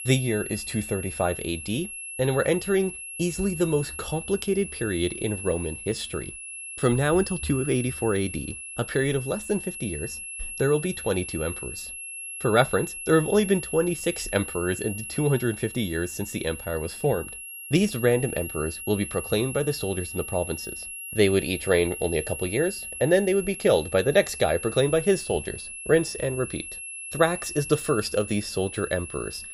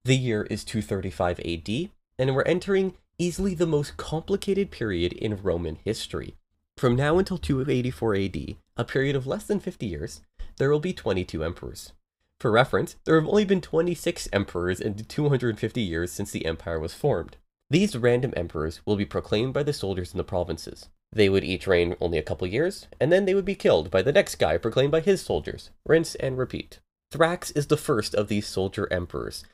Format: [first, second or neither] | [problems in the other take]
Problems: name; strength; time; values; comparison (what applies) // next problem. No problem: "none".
second | high-pitched whine; loud; throughout; 2.5 kHz, 9 dB below the speech